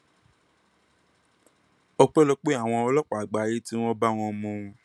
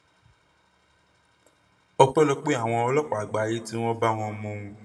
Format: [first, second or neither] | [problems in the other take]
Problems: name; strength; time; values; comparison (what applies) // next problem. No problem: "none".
first | room echo; dies away in 1.3 s